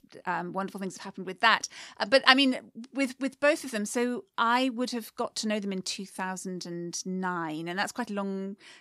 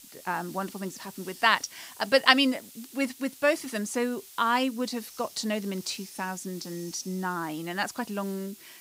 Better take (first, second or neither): first